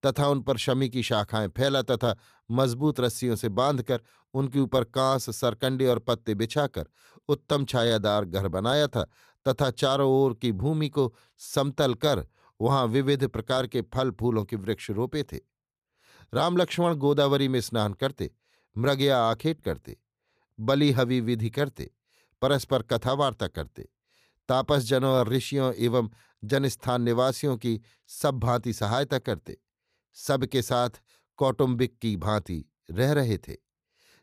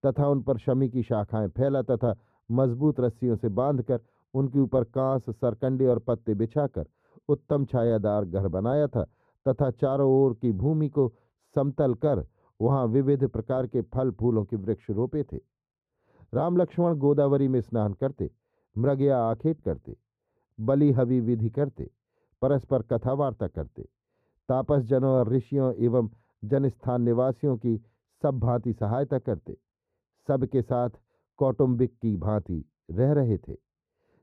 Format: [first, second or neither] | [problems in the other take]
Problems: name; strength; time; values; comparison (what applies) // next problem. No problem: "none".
first | muffled; very; fading above 2 kHz